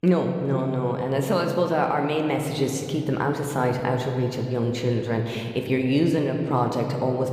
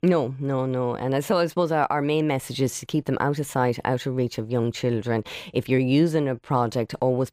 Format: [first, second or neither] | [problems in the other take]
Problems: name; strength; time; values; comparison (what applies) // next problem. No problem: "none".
second | room echo; slight; dies away in 2 s